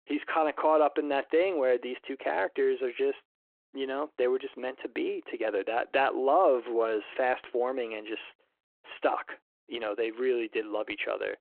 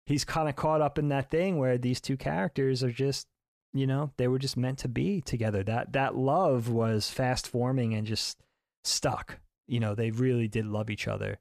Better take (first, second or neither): second